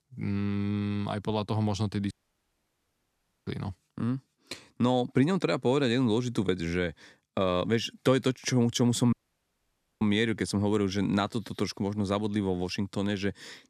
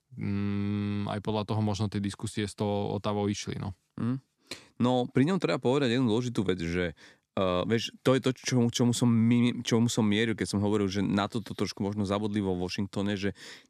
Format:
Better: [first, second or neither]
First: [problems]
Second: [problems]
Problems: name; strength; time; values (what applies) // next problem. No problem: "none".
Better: second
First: audio cutting out; at 2 s for 1.5 s and at 9 s for 1 s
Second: none